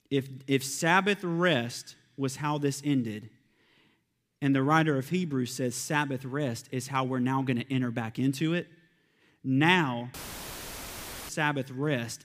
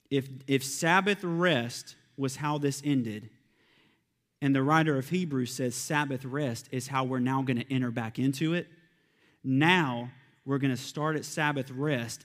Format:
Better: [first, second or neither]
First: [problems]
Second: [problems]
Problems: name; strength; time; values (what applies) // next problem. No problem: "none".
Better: second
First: audio cutting out; filled with static; at 10 s for 1 s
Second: none